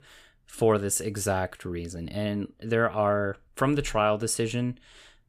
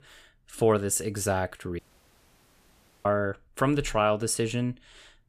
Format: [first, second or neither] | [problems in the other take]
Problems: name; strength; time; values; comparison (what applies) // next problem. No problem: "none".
first | audio cutting out; at 2 s for 1.5 s